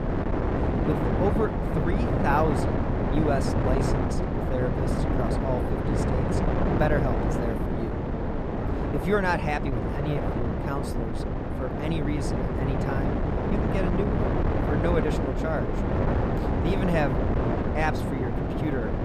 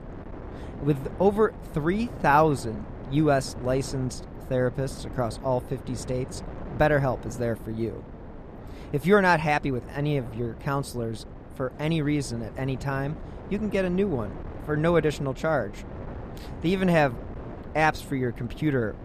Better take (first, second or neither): second